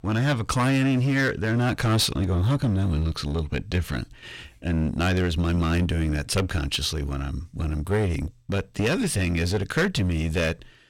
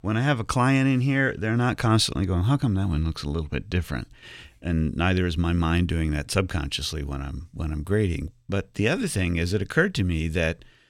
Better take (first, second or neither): second